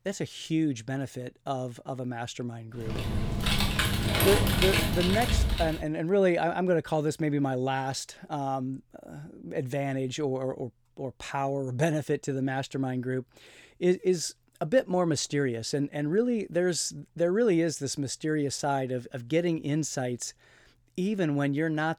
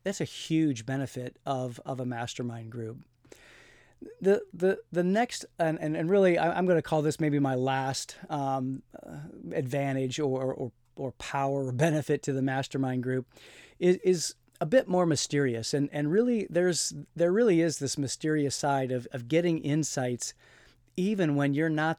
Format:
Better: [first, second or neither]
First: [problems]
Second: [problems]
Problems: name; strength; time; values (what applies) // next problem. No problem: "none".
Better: second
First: keyboard typing; loud; from 3 to 6 s; peak 5 dB above the speech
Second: none